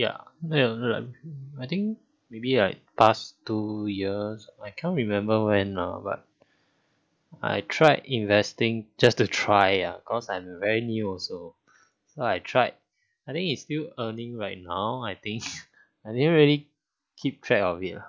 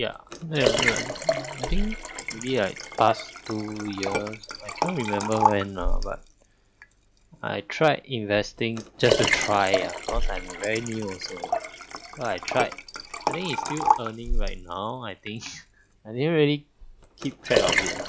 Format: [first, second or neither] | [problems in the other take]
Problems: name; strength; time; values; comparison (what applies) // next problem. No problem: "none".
first | background sound (Liquid); as loud as the speech